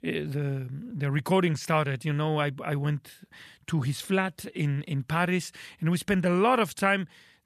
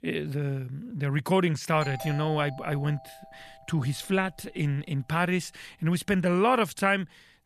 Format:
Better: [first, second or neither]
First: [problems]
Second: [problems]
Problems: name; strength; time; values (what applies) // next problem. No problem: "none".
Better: first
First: none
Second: doorbell; faint; from 2 to 5.5 s; peak 10 dB below the speech